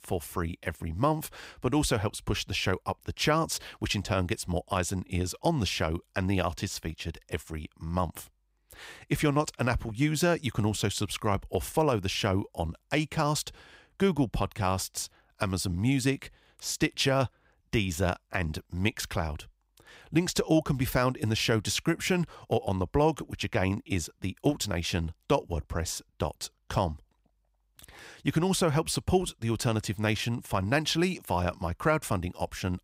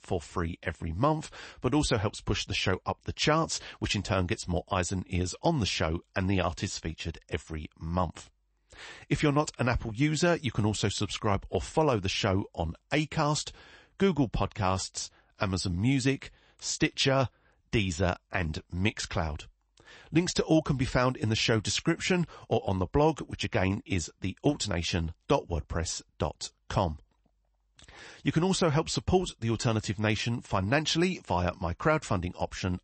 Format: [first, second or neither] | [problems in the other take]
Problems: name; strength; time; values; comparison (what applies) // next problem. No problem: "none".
first | garbled, watery; slightly; nothing above 8 kHz